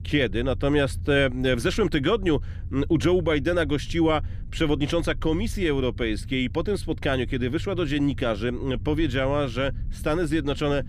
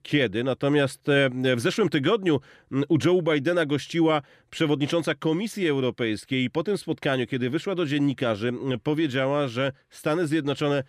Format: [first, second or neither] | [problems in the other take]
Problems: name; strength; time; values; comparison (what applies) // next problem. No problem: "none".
second | low rumble; faint; throughout; 25 dB below the speech